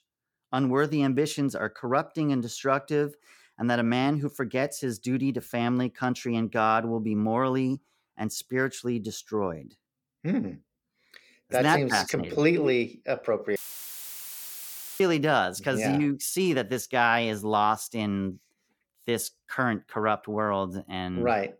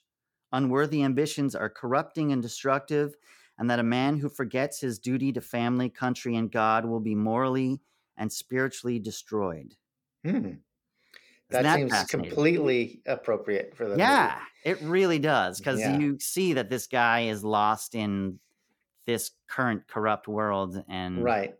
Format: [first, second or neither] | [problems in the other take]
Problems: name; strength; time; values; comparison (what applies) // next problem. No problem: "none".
second | audio cutting out; filled with static; at 14 s for 1.5 s